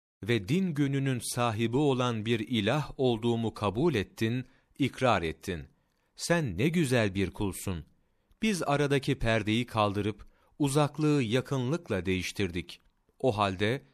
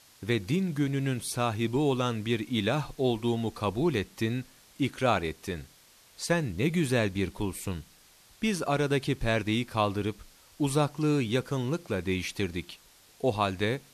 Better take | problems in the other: first | hiss; faint; throughout; 25 dB below the speech

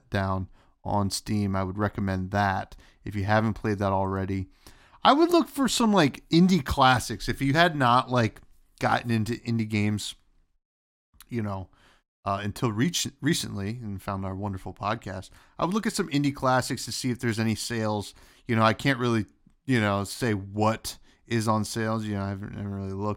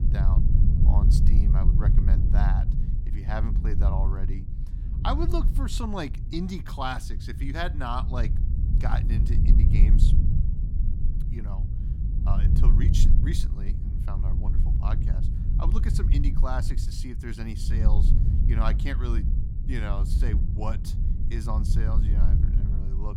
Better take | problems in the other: first | wind noise on the microphone; heavy; 5 dB below the speech

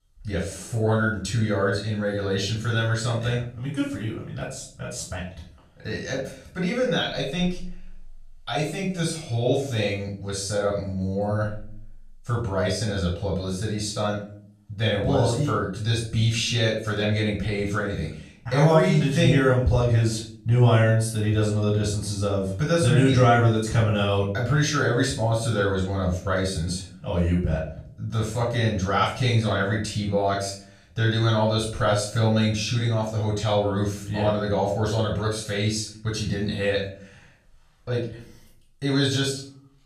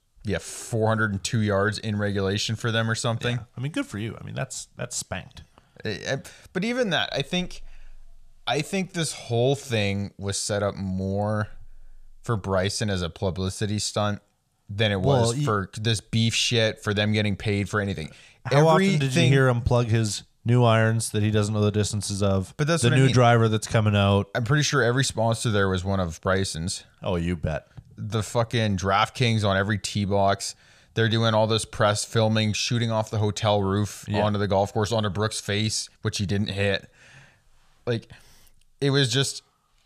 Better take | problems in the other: second | room echo; noticeable; dies away in 0.4 s // off-mic speech; far

